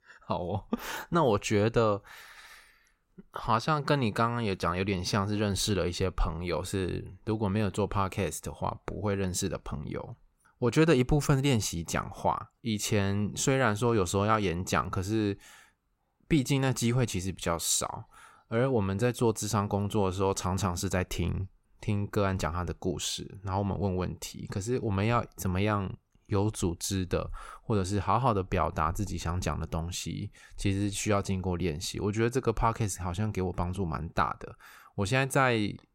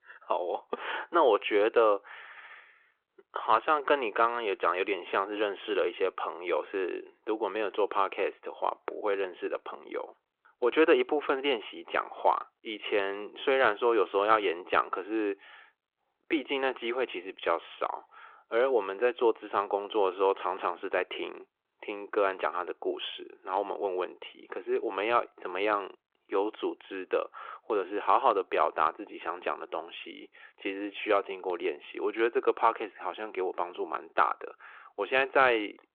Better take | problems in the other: first | phone-call audio

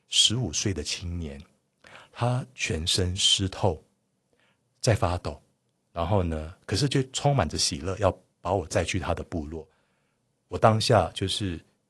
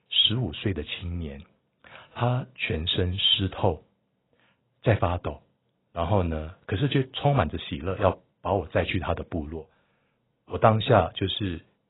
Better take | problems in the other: first | garbled, watery; badly; nothing above 3.5 kHz; slightly in the first

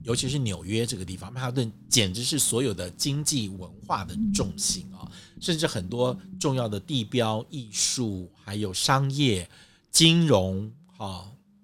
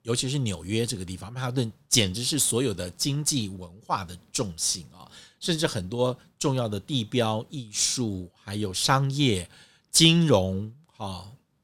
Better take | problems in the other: second | low rumble; noticeable; throughout; 20 dB below the speech

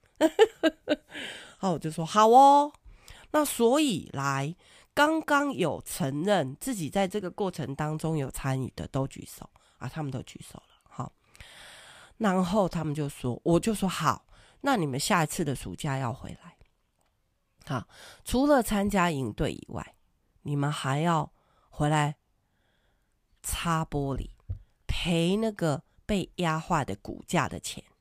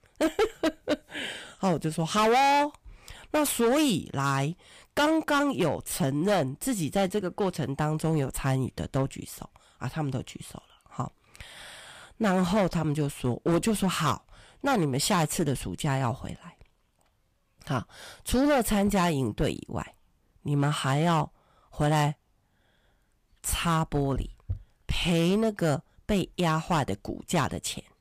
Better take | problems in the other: first | distortion; heavy; 8% of the sound clipped

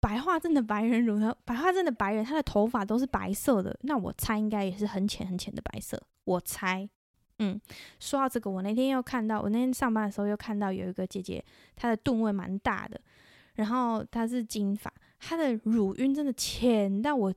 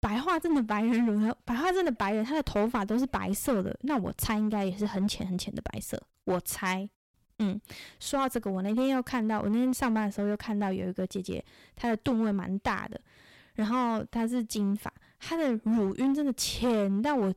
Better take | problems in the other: first | distortion; slight; 8% of the sound clipped

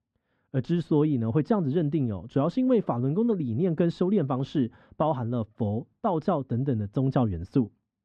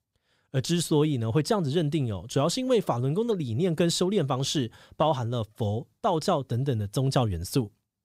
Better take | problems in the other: second | muffled; very; fading above 1.5 kHz

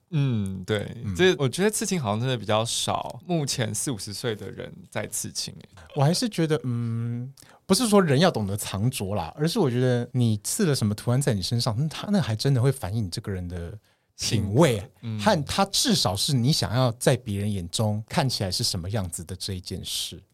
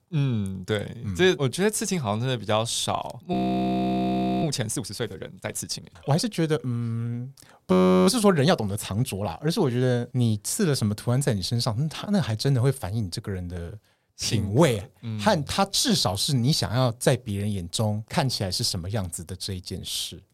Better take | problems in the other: first | audio freezing; at 3.5 s for 1 s and at 7.5 s

